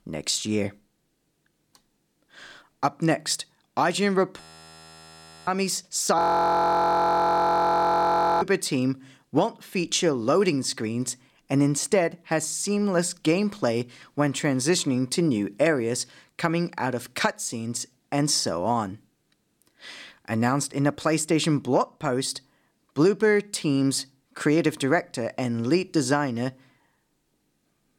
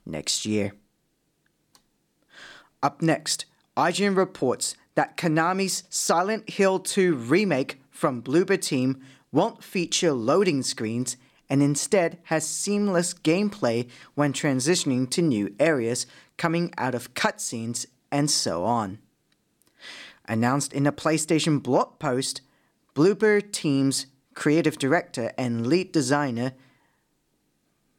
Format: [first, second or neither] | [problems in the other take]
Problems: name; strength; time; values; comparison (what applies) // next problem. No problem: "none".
second | audio freezing; at 4.5 s for 1 s and at 6 s for 2 s